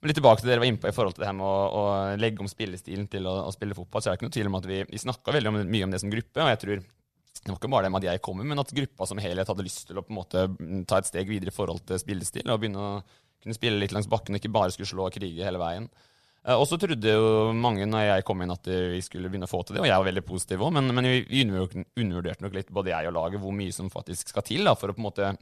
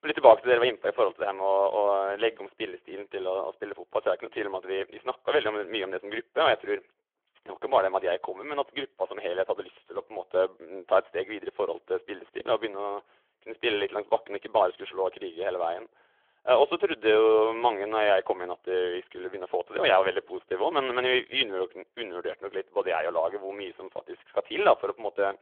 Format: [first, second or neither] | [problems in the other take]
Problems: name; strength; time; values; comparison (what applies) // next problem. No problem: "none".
first | phone-call audio; nothing above 3.5 kHz